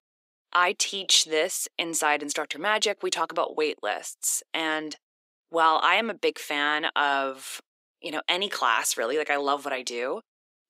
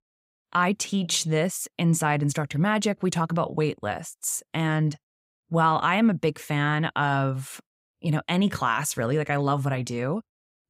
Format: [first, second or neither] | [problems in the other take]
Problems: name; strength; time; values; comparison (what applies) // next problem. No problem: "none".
second | thin; very; fading below 350 Hz